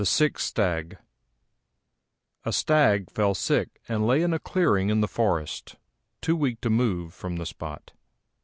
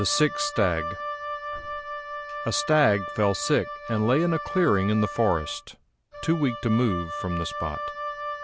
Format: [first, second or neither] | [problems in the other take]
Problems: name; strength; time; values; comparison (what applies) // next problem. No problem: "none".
first | background sound (Wind instrument, woodwind instrument); 8 dB below the speech